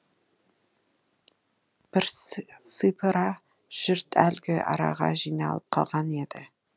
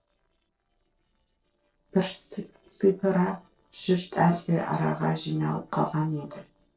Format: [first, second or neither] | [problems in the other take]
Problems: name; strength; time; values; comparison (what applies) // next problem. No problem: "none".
first | noise reduction (neural separator model SepFormer DNS4)